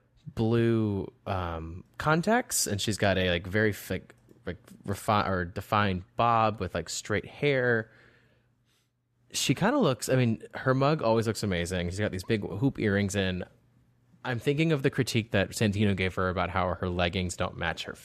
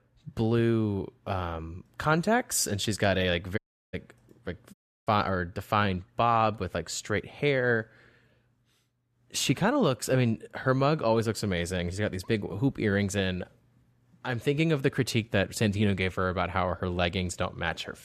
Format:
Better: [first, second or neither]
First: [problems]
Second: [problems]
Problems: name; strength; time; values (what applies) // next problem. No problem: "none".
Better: first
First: none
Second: audio cutting out; at 3.5 s and at 4.5 s